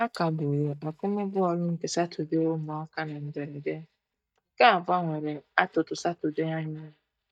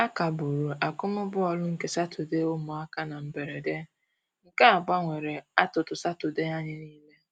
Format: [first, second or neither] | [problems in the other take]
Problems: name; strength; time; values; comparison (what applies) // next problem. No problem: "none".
second | noise reduction (neural mask model DeepFilterNet 3)